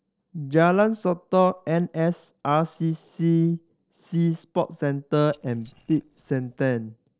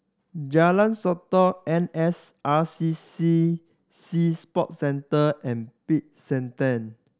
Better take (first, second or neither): second